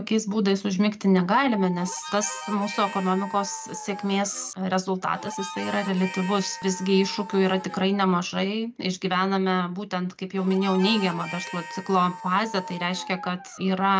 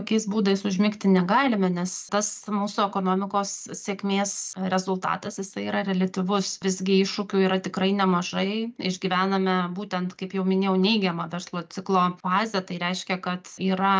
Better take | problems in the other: second | background sound (Dog + Harmonica); 13 dB below the speech

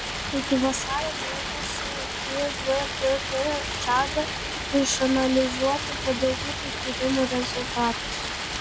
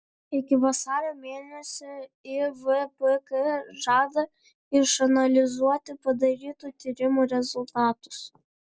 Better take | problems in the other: second | background sound (Stream); 3 dB below the speech

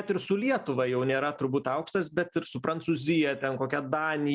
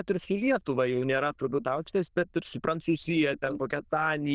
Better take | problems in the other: first | noise reduction (neural diffusion model UNIVERSE++)

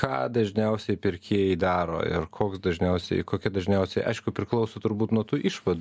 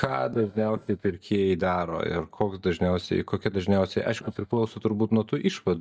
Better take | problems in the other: first | noise reduction (neural mask model DeepFilterNet 3)

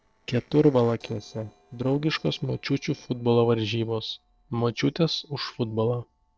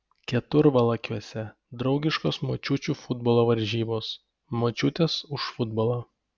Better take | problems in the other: second | noise reduction (neural separator model SepFormer DNS4)

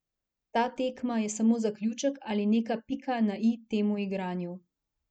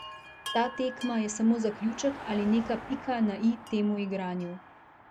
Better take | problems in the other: first | background sound (Car passing by + Chime); 14 dB below the speech

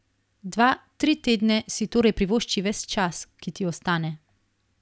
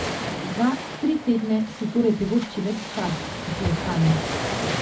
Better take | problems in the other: first | background sound (Waves, surf); 5 dB below the speech // room echo; dies away in 0.4 s

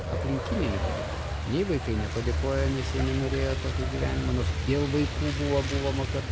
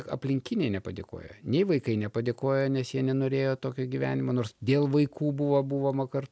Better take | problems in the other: second | background sound (Truck); as loud as the speech

